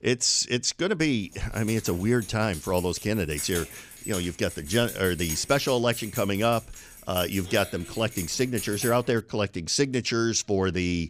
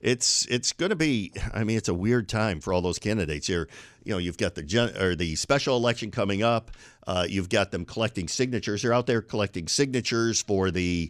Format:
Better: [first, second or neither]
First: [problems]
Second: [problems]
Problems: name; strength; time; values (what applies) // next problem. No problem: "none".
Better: second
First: jangling keys; noticeable; from 1.5 to 9 s; peak 6 dB below the speech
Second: none